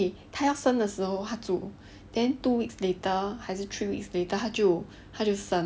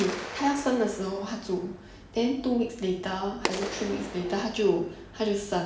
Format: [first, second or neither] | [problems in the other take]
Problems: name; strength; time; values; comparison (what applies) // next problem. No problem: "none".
first | background sound (Clapping); 11 dB below the speech // room echo; dies away in 0.7 s